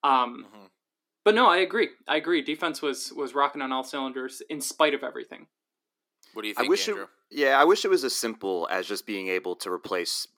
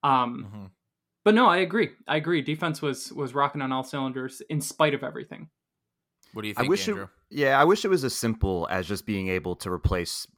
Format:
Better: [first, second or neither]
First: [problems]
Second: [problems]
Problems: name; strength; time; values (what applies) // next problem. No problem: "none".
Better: second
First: thin; very slightly; fading below 300 Hz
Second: none